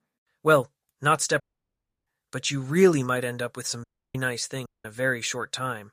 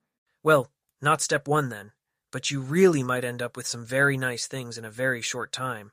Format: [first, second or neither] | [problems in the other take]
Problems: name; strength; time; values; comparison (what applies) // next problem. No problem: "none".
second | audio cutting out; at 1.5 s for 0.5 s, at 4 s and at 4.5 s